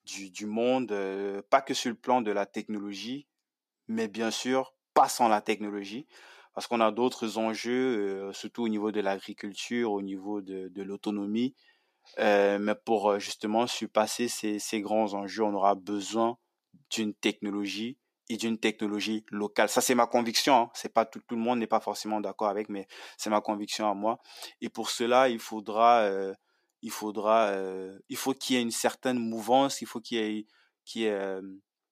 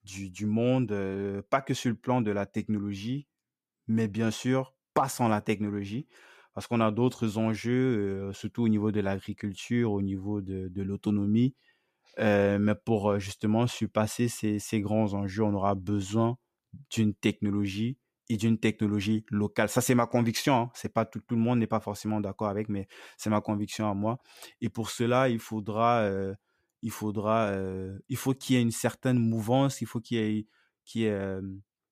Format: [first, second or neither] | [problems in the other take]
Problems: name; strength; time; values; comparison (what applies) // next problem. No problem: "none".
second | thin; somewhat; fading below 250 Hz